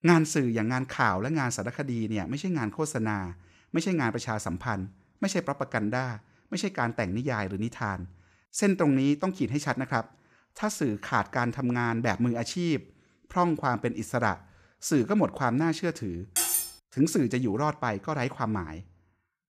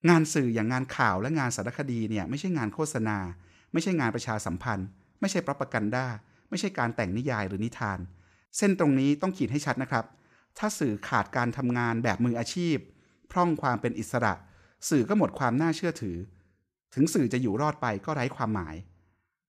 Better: second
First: clattering dishes; loud; at 16 s; peak 4 dB above the speech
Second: none

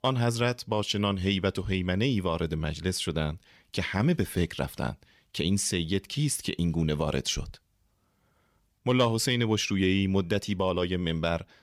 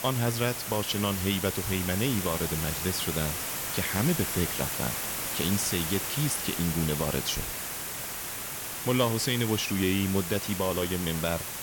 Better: first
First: none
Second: hiss; loud; throughout; 2 dB below the speech

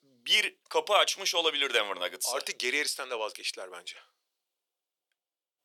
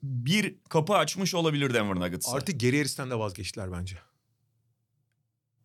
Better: second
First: thin; very; fading below 450 Hz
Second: none

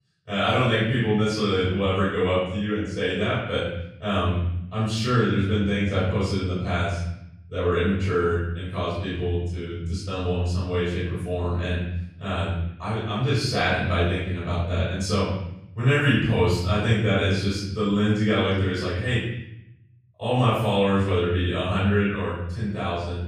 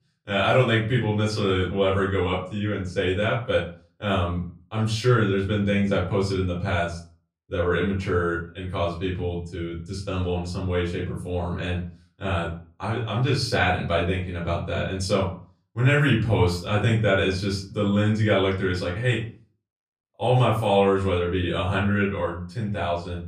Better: second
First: room echo; strong; dies away in 0.9 s // off-mic speech; far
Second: room echo; slight; dies away in 0.3 s // off-mic speech; far

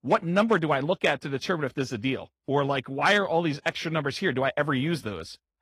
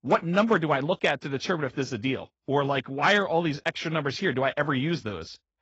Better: first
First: garbled, watery; slightly; nothing above 14.5 kHz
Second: garbled, watery; badly; nothing above 6.5 kHz

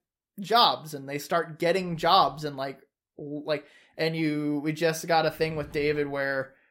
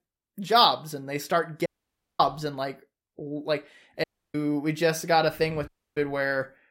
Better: first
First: none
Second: audio cutting out; at 1.5 s for 0.5 s, at 4 s and at 5.5 s

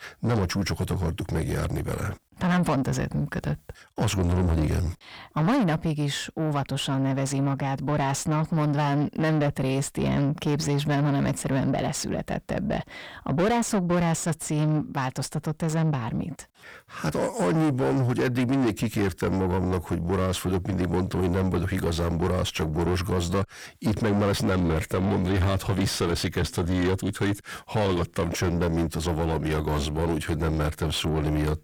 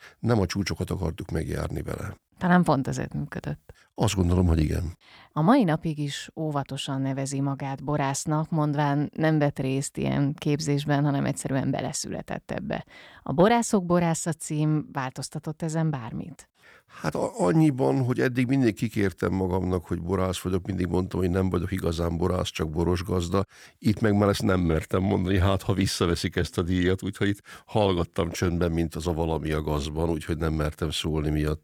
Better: second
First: distortion; heavy; 6 dB below the speech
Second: none

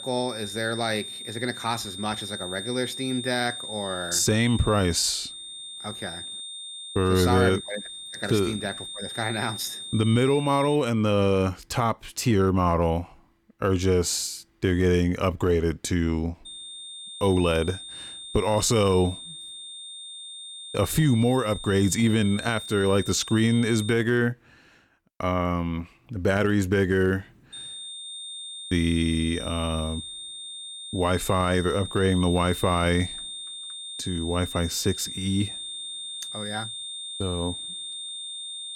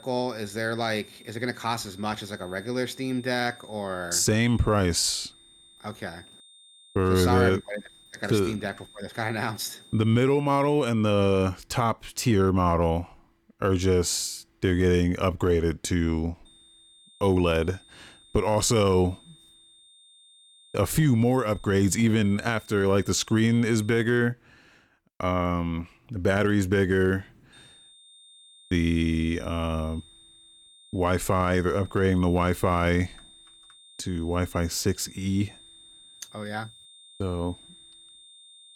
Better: second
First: high-pitched whine; loud; until 11 s, from 16 to 24 s and from 28 s on; 3.5 kHz, 10 dB below the speech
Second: high-pitched whine; faint; until 11 s, from 16 to 24 s and from 28 s on; 3.5 kHz, 25 dB below the speech

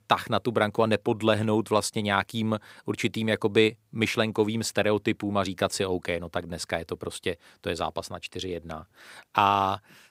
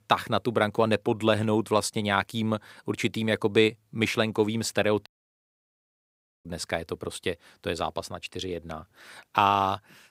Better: first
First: none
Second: audio cutting out; at 5 s for 1.5 s

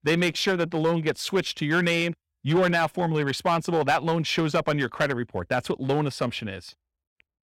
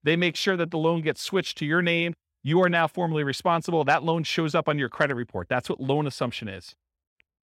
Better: second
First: distortion; slight; 4% of the sound clipped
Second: none

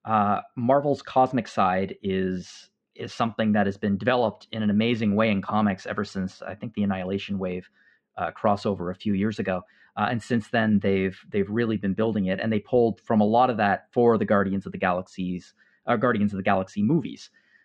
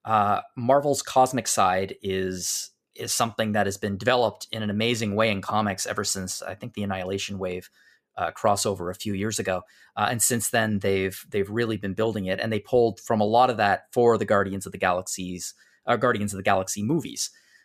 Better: second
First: muffled; very; fading above 3 kHz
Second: none

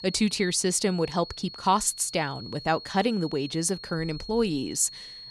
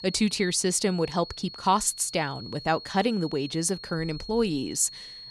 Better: neither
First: high-pitched whine; noticeable; throughout; 4.5 kHz, 15 dB below the speech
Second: high-pitched whine; noticeable; throughout; 4.5 kHz, 15 dB below the speech

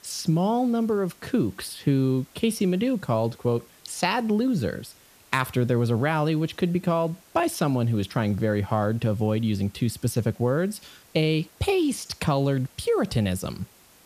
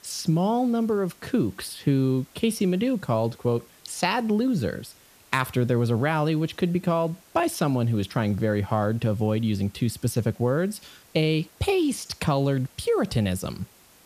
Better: neither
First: hiss; faint; throughout; 25 dB below the speech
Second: hiss; faint; throughout; 25 dB below the speech

